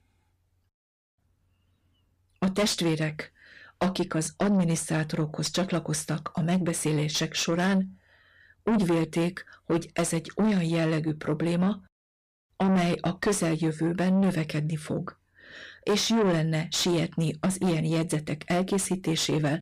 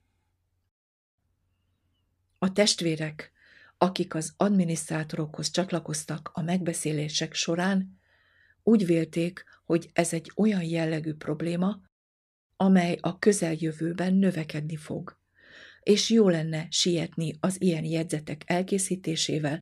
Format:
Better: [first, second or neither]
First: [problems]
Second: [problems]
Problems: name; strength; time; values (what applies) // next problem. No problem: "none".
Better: second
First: distortion; heavy; 7 dB below the speech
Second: none